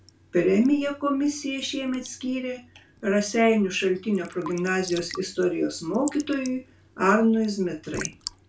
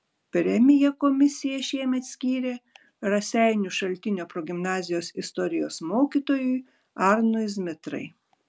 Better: second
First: background sound (Raindrop / Drip / Trickle, dribble); 19 dB below the speech // room echo; dies away in 0.3 s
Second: none

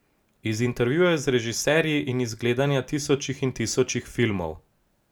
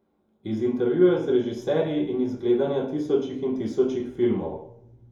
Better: first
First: none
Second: room echo; dies away in 2.6 s

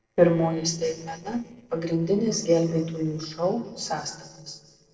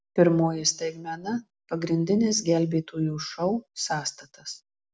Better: second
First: noise reduction (neural separator model SepFormer DNS4)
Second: none

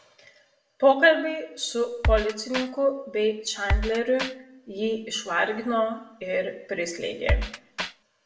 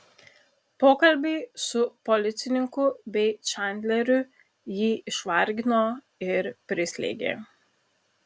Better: second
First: background sound (Drum kit); 2 dB below the speech // room echo; dies away in 0.6 s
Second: none

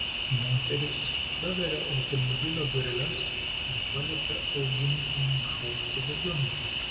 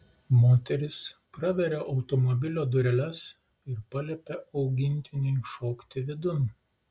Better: second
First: background sound (Cricket); 1 dB above the speech // room echo; dies away in 1.6 s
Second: none

